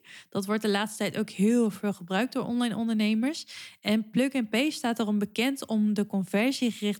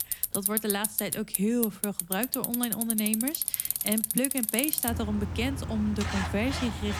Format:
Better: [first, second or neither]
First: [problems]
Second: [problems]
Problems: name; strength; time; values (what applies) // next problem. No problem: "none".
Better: first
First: none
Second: traffic noise; very loud; throughout; 1 dB above the speech